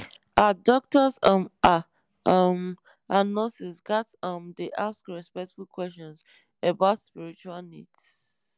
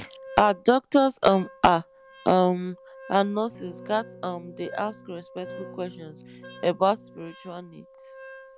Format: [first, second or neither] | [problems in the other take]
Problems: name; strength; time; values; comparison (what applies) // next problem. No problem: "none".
first | background sound (Electric guitar / Strum + Wind instrument, woodwind instrument); 19 dB below the speech